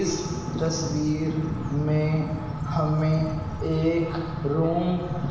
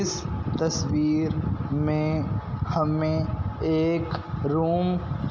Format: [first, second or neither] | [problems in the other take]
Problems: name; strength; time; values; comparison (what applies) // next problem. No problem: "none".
second | background sound (Chirp, tweet); 19 dB below the speech // room echo; dies away in 1.2 s